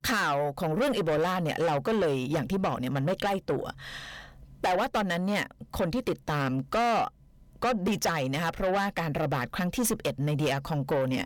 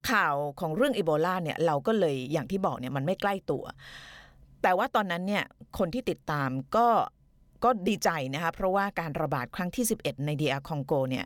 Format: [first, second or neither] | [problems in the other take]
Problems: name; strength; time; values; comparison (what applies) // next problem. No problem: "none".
second | distortion; heavy; 7 dB below the speech